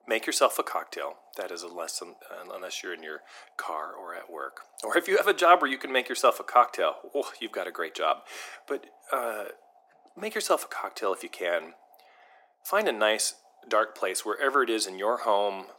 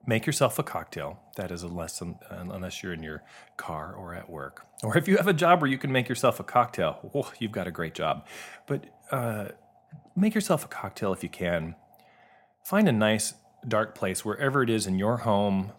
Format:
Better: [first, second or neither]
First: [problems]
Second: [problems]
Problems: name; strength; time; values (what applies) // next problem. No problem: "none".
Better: second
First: thin; very; fading below 300 Hz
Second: none